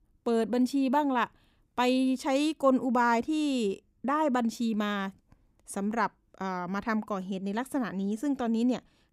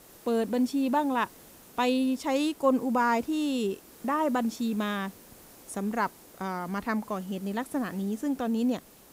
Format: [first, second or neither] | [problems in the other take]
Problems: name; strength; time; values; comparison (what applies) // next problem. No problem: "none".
first | hiss; faint; throughout; 20 dB below the speech